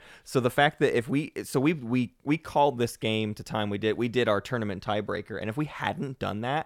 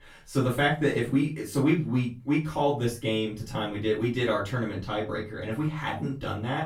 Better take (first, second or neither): first